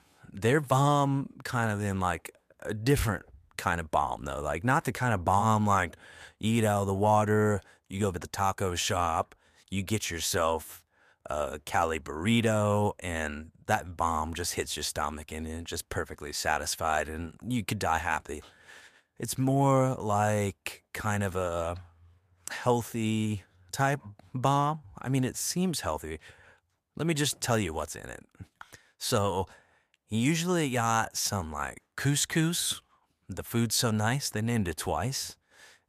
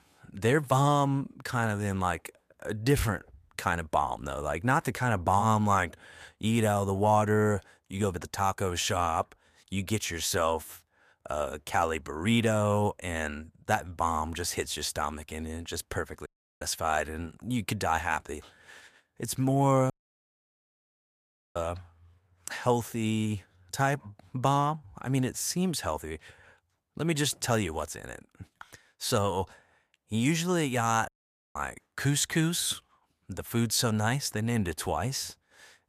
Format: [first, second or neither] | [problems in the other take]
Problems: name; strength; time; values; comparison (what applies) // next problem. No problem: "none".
first | audio cutting out; at 16 s, at 20 s for 1.5 s and at 31 s